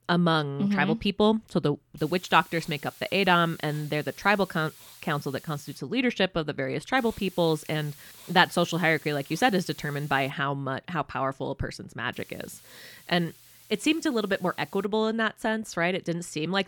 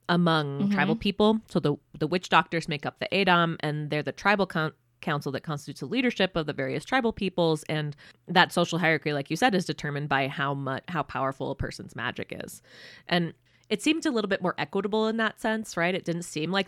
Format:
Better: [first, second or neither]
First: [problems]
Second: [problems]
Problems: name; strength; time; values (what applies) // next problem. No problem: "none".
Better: second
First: hiss; faint; from 2 to 6 s, from 7 to 10 s and from 12 to 15 s; 20 dB below the speech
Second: none